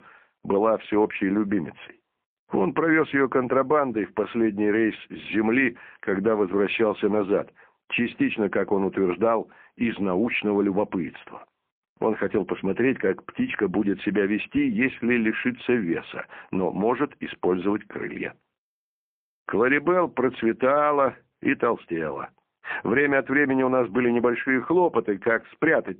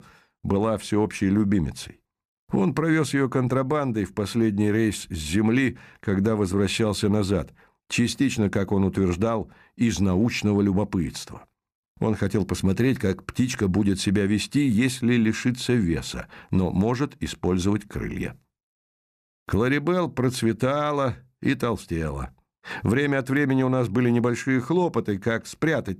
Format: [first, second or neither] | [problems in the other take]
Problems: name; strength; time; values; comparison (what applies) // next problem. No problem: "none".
second | phone-call audio; poor line